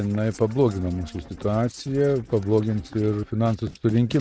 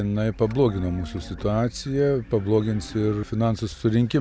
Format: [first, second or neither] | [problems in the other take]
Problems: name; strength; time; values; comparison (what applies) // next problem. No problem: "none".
second | noise reduction (neural mask model RNNoise)